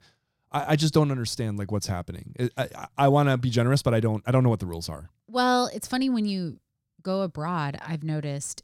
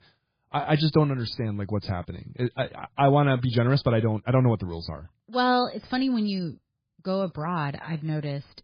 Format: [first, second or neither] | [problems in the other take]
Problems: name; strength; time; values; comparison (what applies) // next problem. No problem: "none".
first | garbled, watery; badly; nothing above 4 kHz